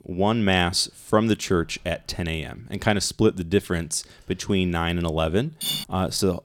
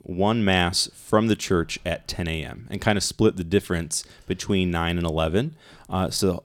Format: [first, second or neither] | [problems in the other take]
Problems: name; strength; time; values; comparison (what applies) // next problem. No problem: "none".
second | clattering dishes; noticeable; at 5.5 s; peak 2 dB below the speech